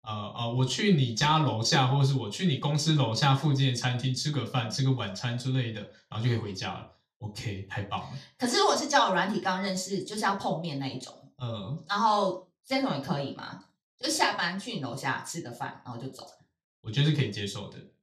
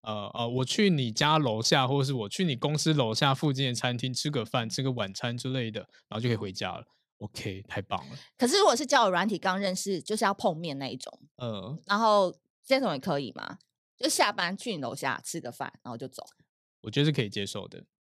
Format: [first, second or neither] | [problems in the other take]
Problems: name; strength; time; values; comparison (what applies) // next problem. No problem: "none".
second | room echo; slight; dies away in 0.3 s // off-mic speech; far